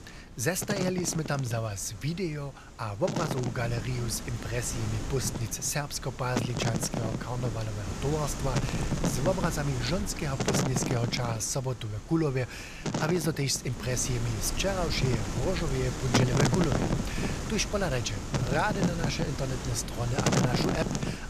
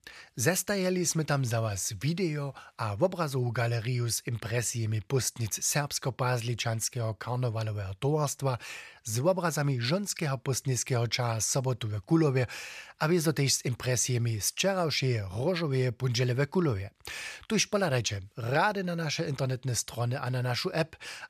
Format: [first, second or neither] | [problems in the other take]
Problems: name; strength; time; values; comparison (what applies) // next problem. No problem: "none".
second | wind noise on the microphone; heavy; 2 dB below the speech